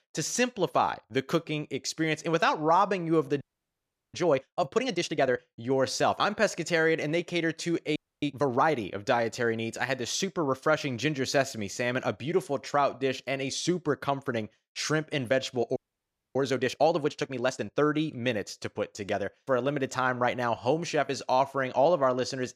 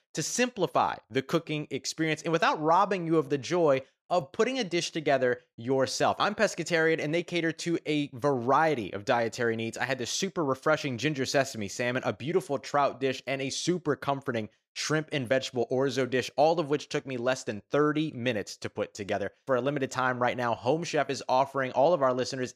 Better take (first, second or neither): second